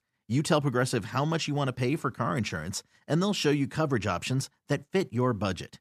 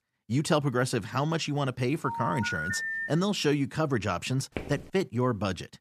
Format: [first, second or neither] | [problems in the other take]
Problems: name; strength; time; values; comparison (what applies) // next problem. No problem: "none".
first | phone ringing; noticeable; from 2 to 3 s; peak 1 dB below the speech // footsteps; faint; at 4.5 s; peak 10 dB below the speech